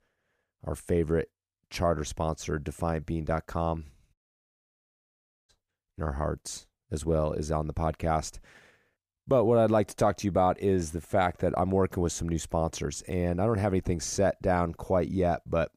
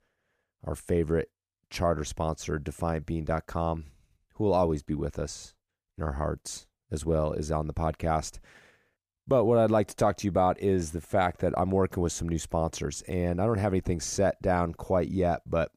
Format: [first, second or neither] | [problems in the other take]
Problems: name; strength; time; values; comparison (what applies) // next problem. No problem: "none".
second | audio cutting out; at 4 s for 1.5 s